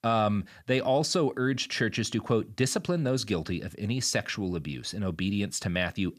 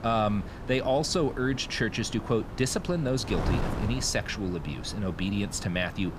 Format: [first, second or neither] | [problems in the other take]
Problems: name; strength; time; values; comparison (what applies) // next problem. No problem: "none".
first | wind noise on the microphone; occasional gusts; 10 dB below the speech